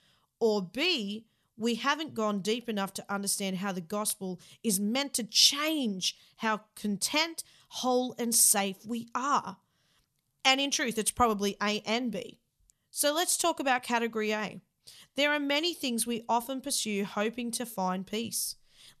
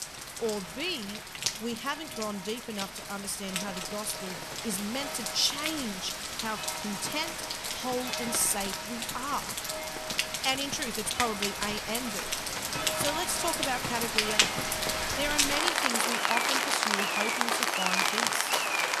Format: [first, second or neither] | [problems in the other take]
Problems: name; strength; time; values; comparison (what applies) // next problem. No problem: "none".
first | rain or running water; very loud; throughout; 3 dB above the speech